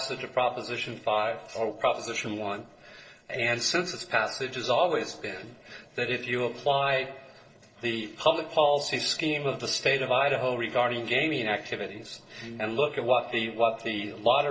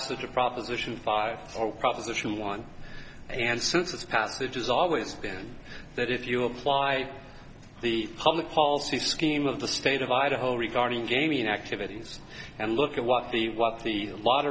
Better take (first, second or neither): second